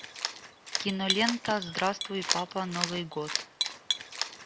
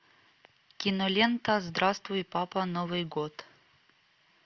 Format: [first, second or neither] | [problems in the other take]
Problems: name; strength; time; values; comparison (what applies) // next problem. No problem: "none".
second | background sound (Cat); 2 dB below the speech